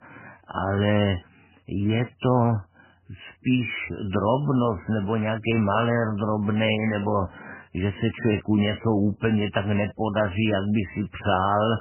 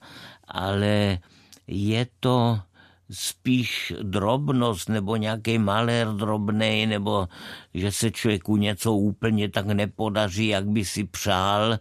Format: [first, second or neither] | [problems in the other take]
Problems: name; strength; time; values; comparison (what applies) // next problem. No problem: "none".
second | garbled, watery; badly; nothing above 3 kHz